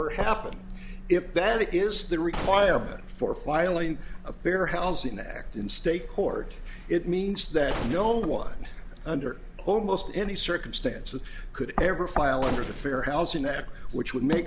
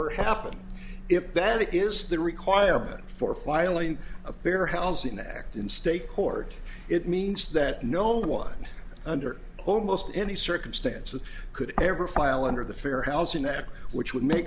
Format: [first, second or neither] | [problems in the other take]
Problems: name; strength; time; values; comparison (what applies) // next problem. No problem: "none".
second | background sound (Gunshot, gunfire); 11 dB below the speech